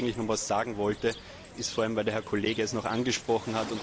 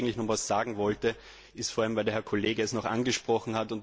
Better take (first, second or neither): second